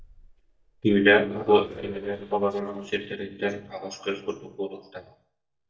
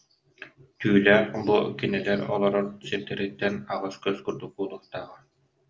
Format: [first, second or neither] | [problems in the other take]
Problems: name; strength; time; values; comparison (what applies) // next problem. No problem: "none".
second | noise reduction (neural mask model DeepFilterNet 3)